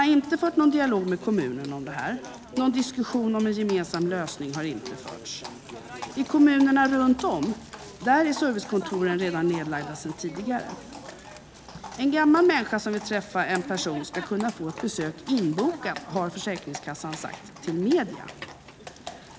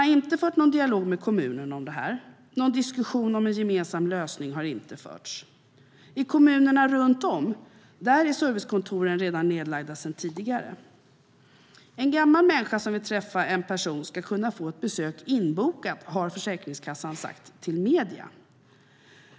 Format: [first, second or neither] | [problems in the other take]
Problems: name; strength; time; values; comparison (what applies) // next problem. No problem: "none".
second | background sound (Livestock, farm animals, working animals); 15 dB below the speech